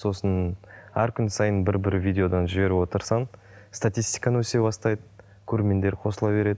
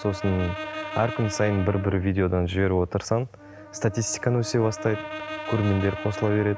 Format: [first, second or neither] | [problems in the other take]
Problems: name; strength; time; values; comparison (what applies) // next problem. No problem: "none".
first | background sound (Brass instrument); 11 dB below the speech